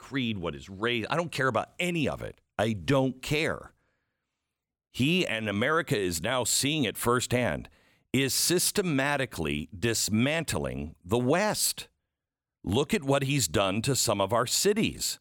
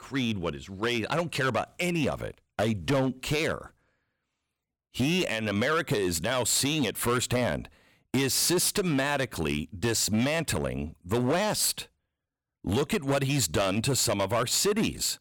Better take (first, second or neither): first